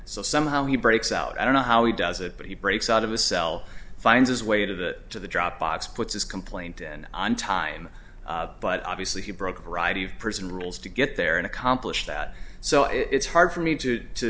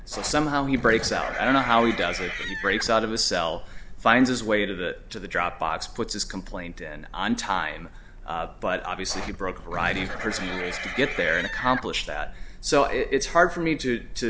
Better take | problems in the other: first | background sound (Livestock, farm animals, working animals); 8 dB below the speech

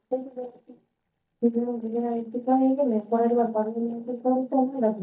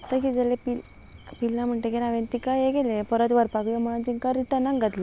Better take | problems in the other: second | noise reduction (neural mask model DeepFilterNet 3)

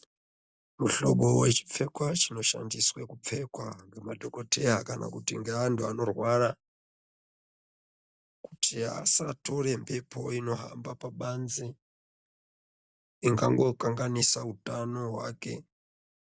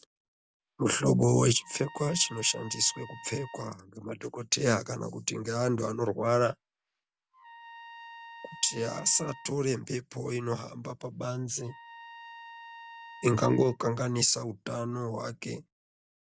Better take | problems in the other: first | background sound (Trumpet); 19 dB below the speech

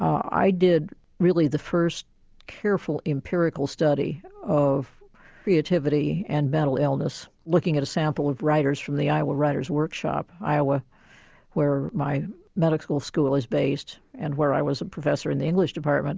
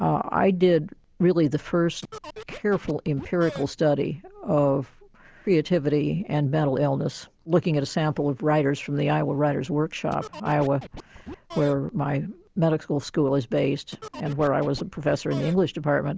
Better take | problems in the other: first | background sound (Scratching (performance technique)); 15 dB below the speech

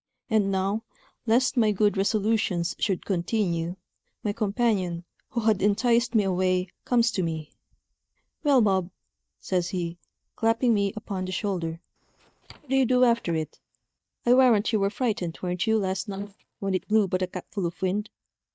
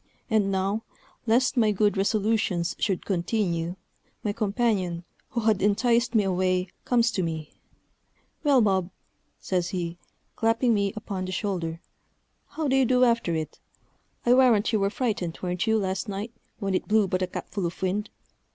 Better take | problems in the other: second | noise reduction (neural mask model DeepFilterNet 3)

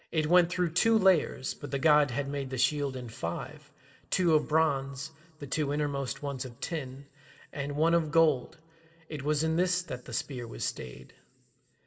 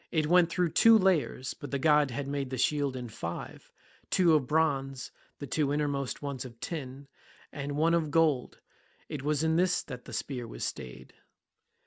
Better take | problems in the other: second | room echo; dies away in 0.9 s

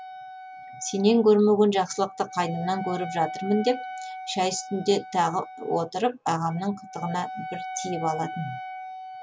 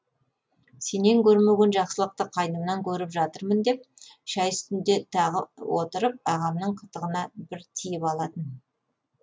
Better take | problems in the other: second | background sound (Wind instrument, woodwind instrument); 12 dB below the speech

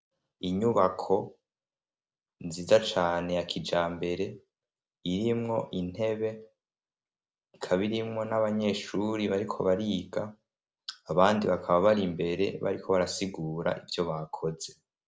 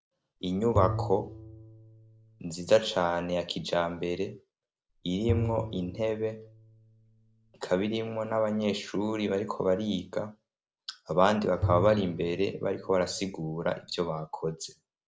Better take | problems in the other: first | background sound (Bowed string instrument); 7 dB below the speech

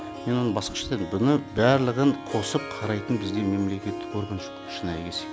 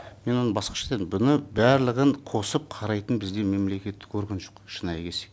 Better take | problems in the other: second | background sound (Harp); 10 dB below the speech

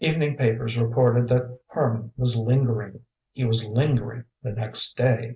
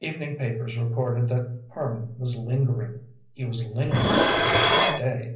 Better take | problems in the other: first | background sound (Dishes, pots, and pans); 2 dB above the speech // room echo; dies away in 0.5 s

